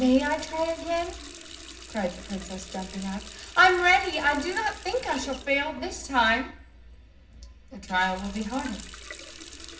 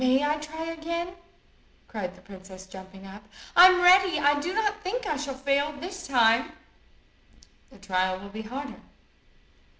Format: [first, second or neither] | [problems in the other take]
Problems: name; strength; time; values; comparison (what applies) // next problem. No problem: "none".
second | background sound (Water tap, faucet); 17 dB below the speech // room echo; dies away in 0.4 s